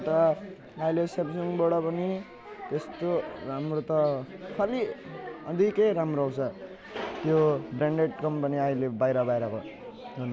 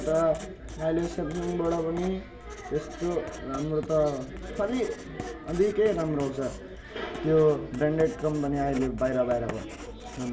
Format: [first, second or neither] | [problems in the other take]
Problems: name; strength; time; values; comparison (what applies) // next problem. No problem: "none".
first | background sound (Writing); 14 dB below the speech // room echo; dies away in 0.5 s